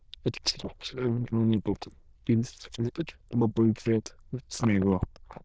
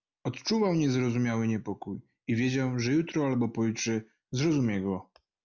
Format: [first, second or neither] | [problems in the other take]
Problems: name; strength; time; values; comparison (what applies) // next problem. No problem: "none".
second | noise reduction (neural diffusion model UNIVERSE++)